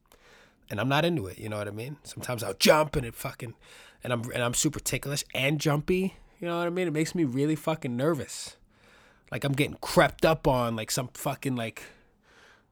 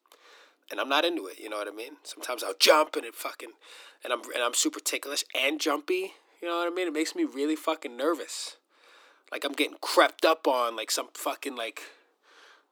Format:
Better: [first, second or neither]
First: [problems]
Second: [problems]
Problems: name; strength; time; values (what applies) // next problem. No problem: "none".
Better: first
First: none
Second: thin; somewhat; fading below 300 Hz